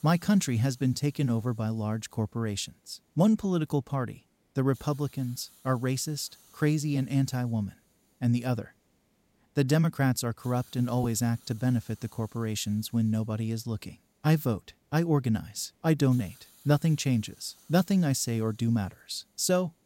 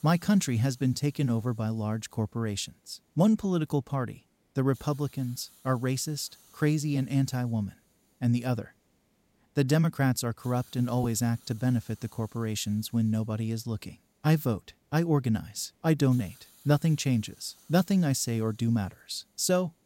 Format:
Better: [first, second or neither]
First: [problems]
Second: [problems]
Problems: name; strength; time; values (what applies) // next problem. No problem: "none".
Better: neither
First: hiss; faint; throughout; 30 dB below the speech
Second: hiss; faint; throughout; 30 dB below the speech